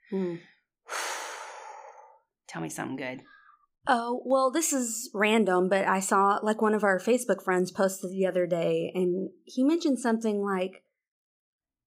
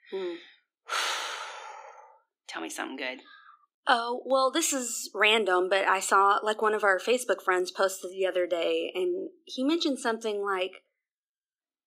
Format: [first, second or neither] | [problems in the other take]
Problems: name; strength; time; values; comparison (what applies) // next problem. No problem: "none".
first | thin; somewhat; fading below 300 Hz